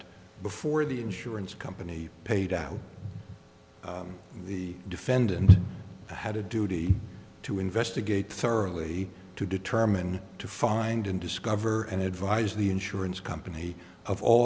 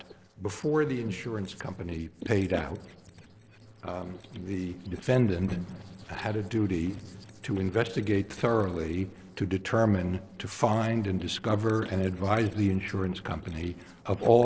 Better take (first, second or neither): first